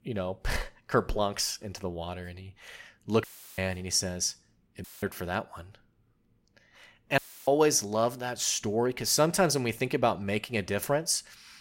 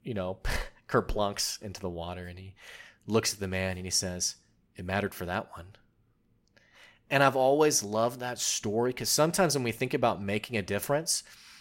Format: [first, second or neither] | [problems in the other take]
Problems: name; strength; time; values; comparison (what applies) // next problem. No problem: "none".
second | audio cutting out; filled with static; at 3 s, at 5 s and at 7 s